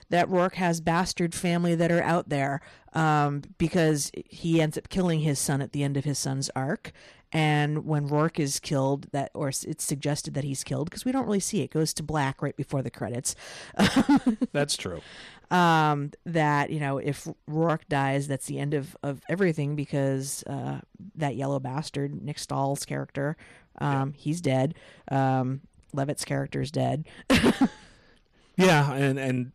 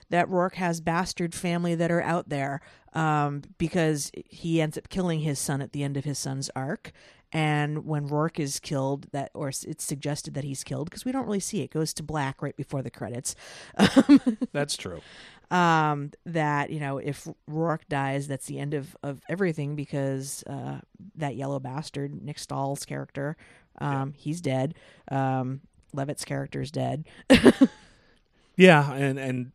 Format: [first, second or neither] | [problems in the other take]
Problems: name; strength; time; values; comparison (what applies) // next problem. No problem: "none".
second | distortion; heavy; 2% of the sound clipped